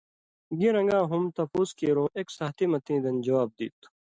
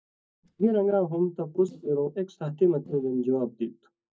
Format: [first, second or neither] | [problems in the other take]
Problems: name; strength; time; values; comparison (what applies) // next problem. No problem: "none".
first | noise reduction (neural mask model DeepFilterNet 3)